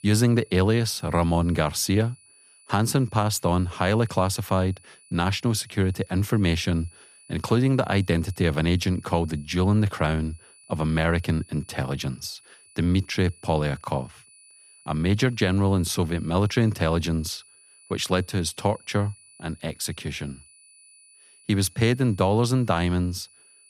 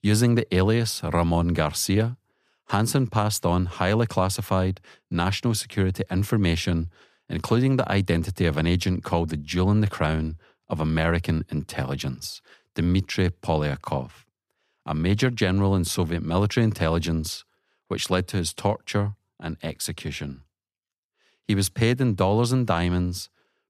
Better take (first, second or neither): second